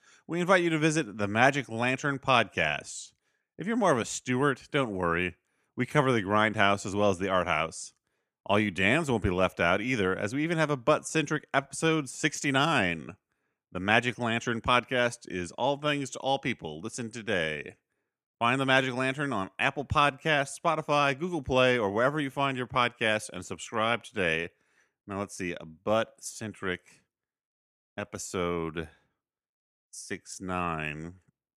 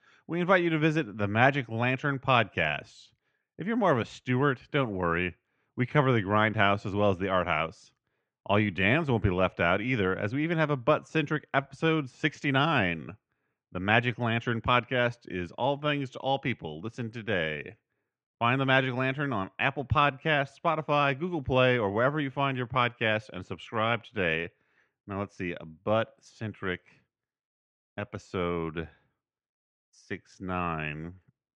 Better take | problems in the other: first | muffled; slightly; fading above 3.5 kHz

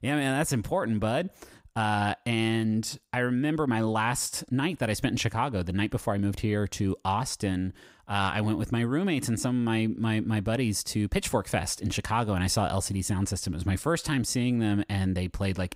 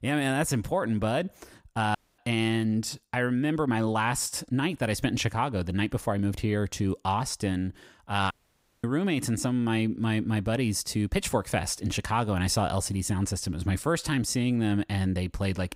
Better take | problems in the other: first | audio cutting out; at 2 s and at 8.5 s for 0.5 s

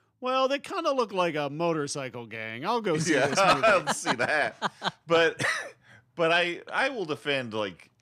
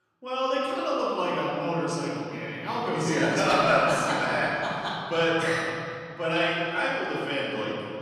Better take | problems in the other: first | room echo; strong; dies away in 2.6 s // off-mic speech; far

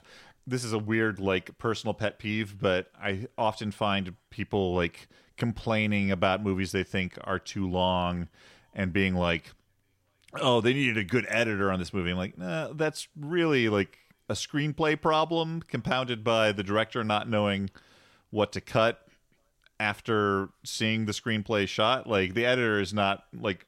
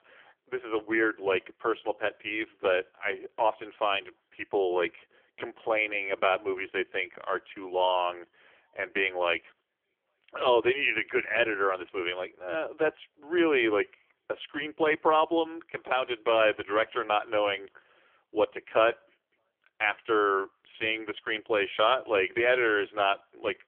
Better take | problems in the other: first | phone-call audio; poor line; nothing above 3.5 kHz

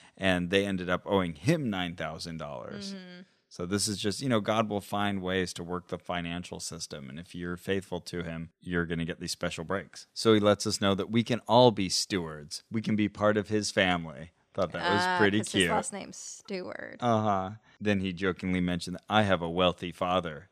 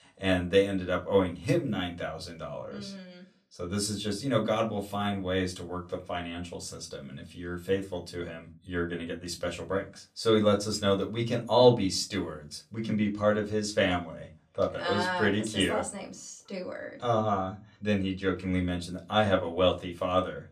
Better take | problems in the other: first | off-mic speech; somewhat distant // room echo; very slight; dies away in 0.2 s

